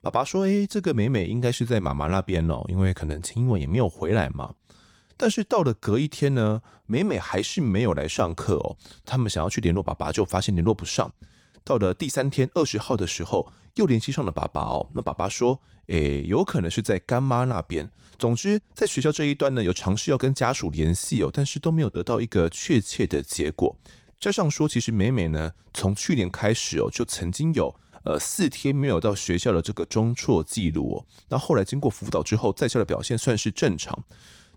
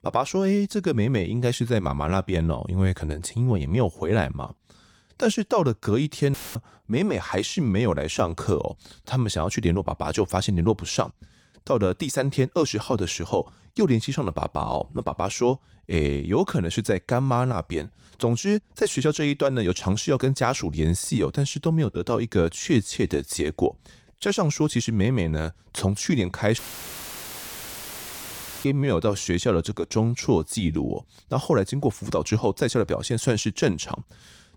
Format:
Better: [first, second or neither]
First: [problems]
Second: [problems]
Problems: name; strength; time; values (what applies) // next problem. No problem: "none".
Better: first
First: none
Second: audio cutting out; filled with static; at 6.5 s and at 27 s for 2 s